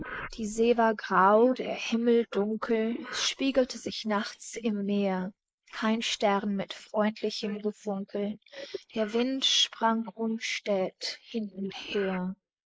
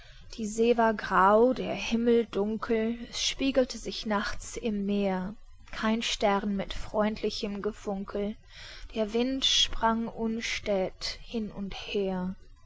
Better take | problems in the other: second | noise reduction (neural mask model Resemble Enhance denoiser)

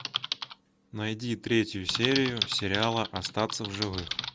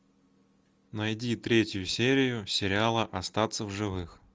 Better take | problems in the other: second | background sound (Typing); 6 dB below the speech

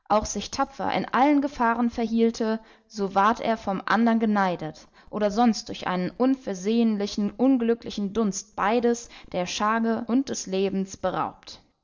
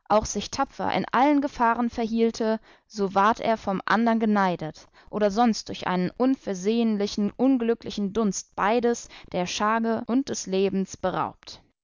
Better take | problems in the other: second | room echo; dies away in 0.4 s

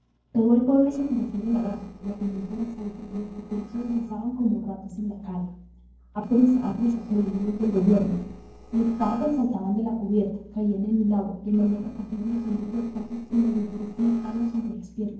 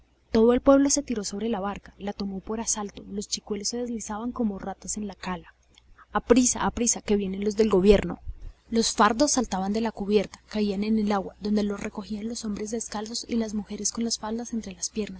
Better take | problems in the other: second | noise reduction (neural separator model SepFormer DNS4)

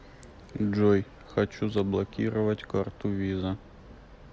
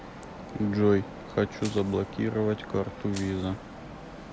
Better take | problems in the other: first | background sound (Traffic noise, roadway noise + Crushing); 13 dB below the speech

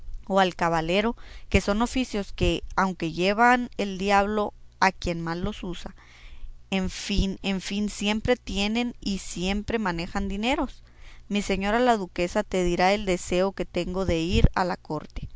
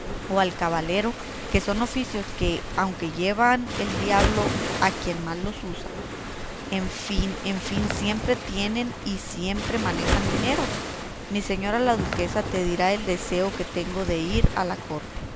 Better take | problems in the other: first | background sound (Waves, surf + Walk, footsteps); 5 dB below the speech

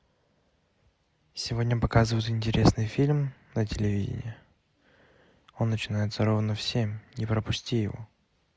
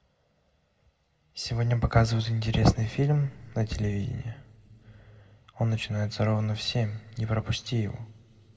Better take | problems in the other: first | room echo; dies away in 1.8 s

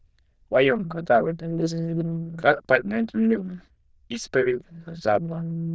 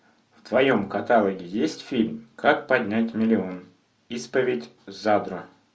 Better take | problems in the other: second | noise reduction (neural diffusion model UNIVERSE++)

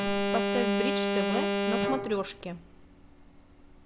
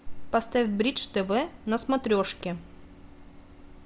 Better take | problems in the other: second | background sound (Alarm); 4 dB above the speech

